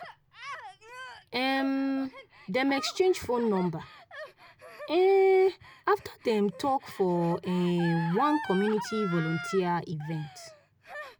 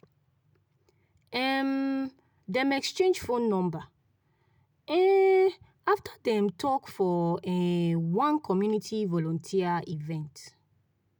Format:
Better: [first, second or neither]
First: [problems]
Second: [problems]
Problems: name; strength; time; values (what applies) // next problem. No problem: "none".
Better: second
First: background sound (Gasp); 14 dB below the speech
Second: none